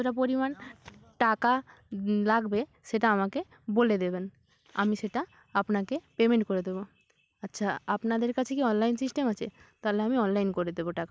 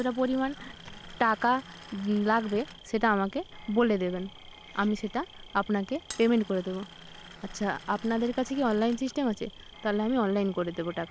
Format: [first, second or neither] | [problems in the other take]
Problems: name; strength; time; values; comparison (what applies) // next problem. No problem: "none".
first | background sound (Glass + Insect); 18 dB below the speech